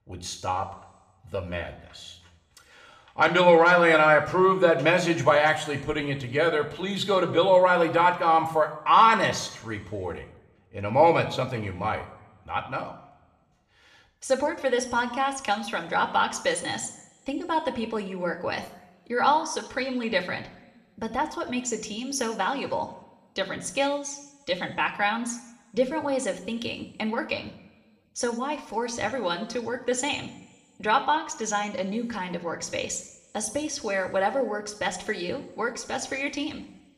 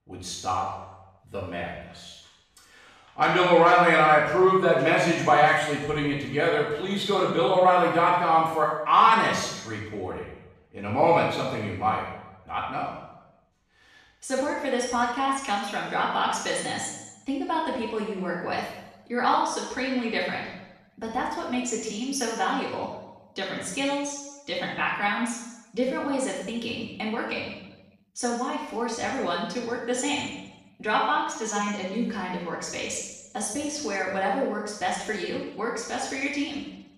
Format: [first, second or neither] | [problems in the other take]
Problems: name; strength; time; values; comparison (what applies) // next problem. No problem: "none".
first | room echo; strong; dies away in 0.8 s; slight in the first // off-mic speech; far